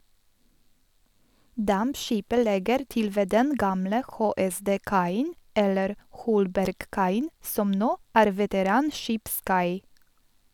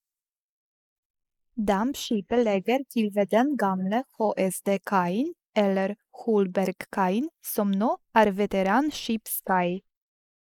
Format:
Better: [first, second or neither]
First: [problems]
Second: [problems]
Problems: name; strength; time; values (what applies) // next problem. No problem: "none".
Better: first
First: none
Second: noise reduction (neural mask model Resemble Enhance denoiser)